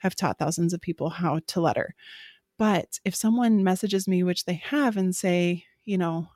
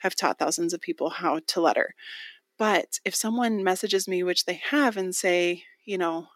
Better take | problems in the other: first | thin; somewhat; fading below 250 Hz

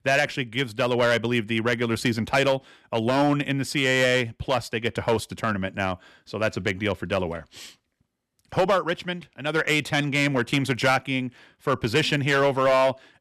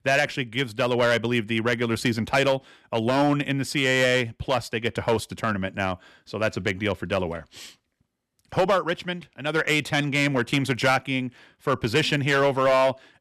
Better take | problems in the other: neither | distortion; slight; 4% of the sound clipped; the same in both

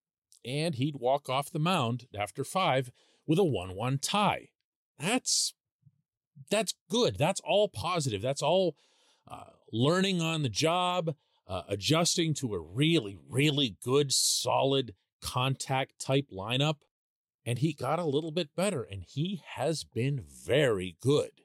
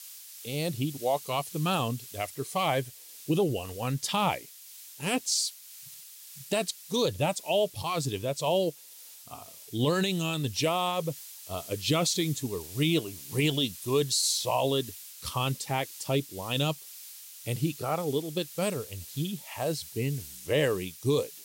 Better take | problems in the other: first | hiss; noticeable; throughout; 15 dB below the speech

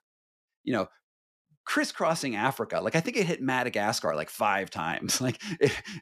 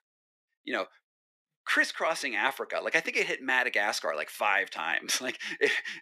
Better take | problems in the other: first | thin; somewhat; fading below 350 Hz

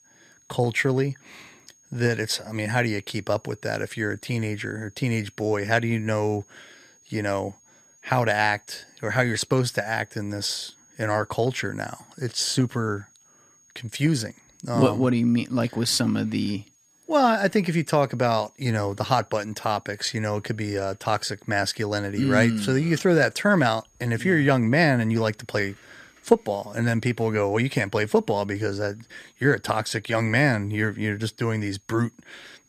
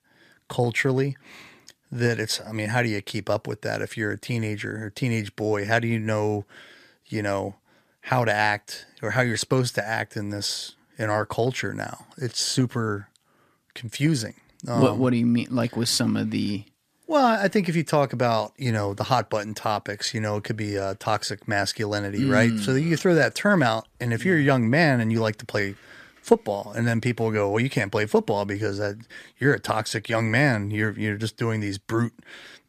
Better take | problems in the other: second | high-pitched whine; faint; throughout; 6.5 kHz, 30 dB below the speech

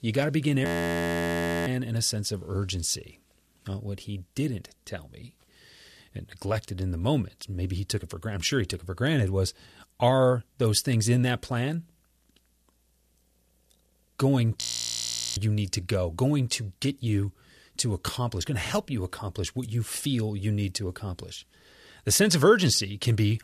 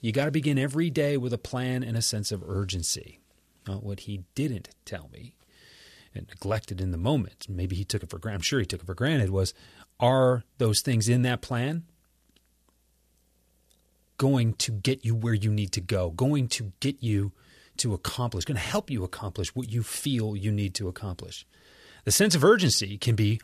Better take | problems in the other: second | audio freezing; at 0.5 s for 1 s and at 15 s for 1 s

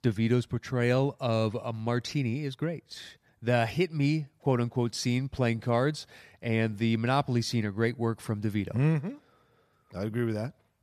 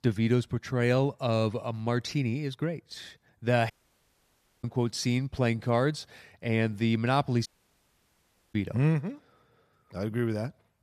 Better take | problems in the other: first | audio cutting out; at 3.5 s for 1 s and at 7.5 s for 1 s

